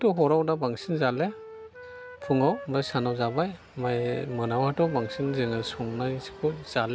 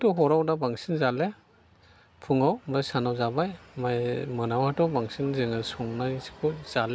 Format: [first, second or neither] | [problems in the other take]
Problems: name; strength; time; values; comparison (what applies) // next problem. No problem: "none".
second | background sound (Wind instrument, woodwind instrument); 16 dB below the speech